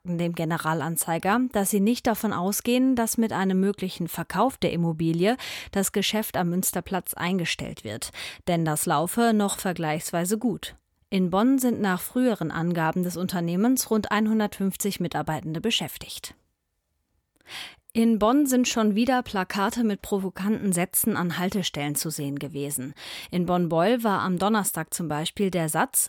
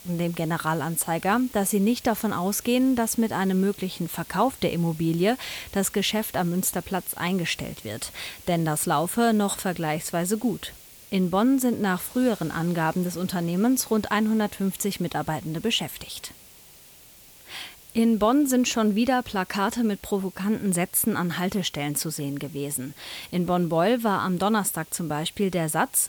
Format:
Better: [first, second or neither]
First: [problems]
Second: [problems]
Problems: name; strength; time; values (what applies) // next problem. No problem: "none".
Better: first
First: none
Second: hiss; noticeable; throughout; 20 dB below the speech